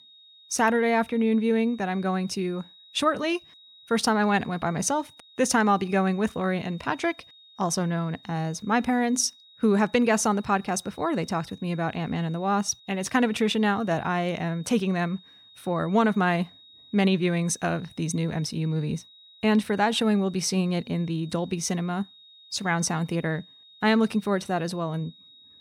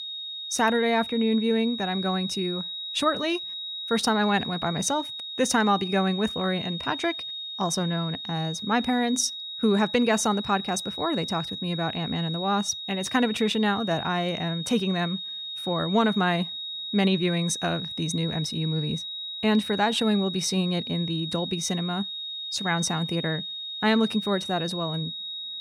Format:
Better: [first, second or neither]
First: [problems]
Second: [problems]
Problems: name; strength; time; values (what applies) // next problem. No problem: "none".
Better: first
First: high-pitched whine; faint; throughout; 4 kHz, 25 dB below the speech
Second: high-pitched whine; loud; throughout; 4 kHz, 6 dB below the speech